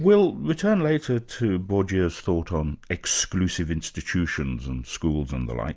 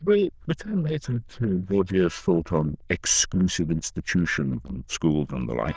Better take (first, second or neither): first